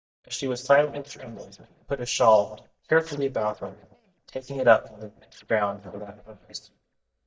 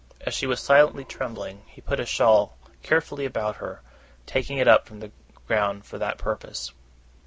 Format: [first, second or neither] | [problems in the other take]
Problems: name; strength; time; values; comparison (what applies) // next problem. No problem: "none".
second | noise reduction (neural mask model DeepFilterNet 3)